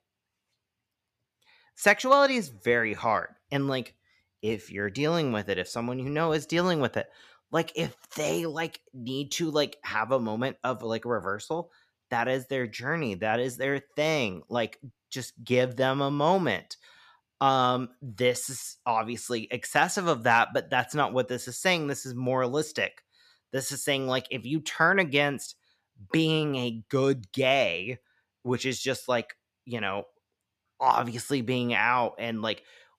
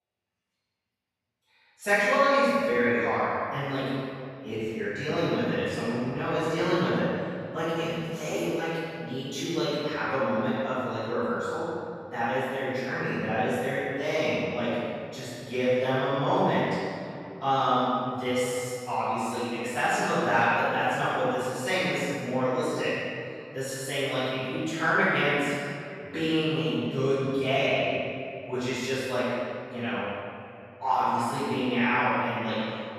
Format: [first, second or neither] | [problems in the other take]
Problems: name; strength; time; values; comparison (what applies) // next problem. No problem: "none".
first | off-mic speech; far // room echo; strong; dies away in 2.3 s